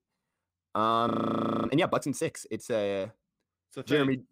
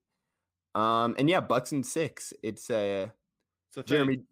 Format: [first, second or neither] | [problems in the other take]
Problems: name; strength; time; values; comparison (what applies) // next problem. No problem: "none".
second | audio freezing; at 1 s for 0.5 s